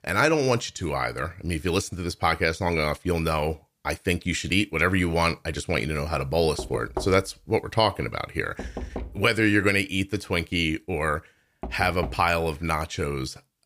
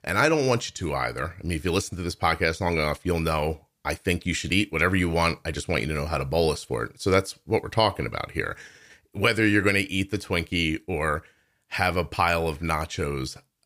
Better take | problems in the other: second | door banging; noticeable; from 6.5 to 12 s; peak 8 dB below the speech

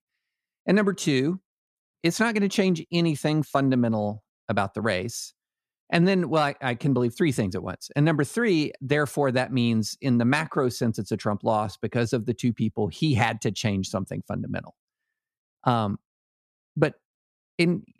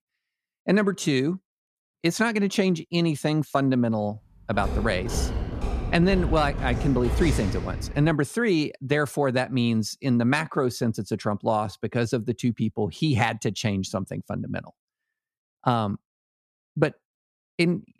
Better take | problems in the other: first | footsteps; noticeable; from 4.5 to 8 s; peak 2 dB below the speech

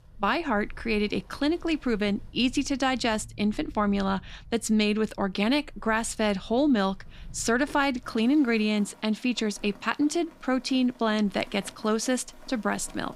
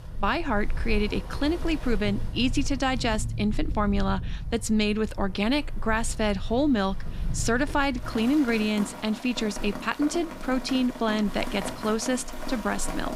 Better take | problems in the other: first | rain or running water; loud; throughout; 9 dB below the speech; faint in the first

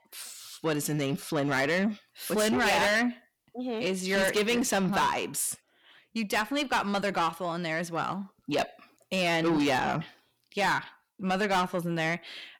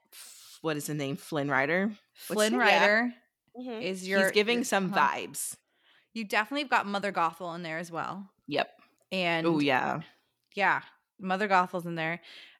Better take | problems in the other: second | distortion; heavy; 6 dB below the speech

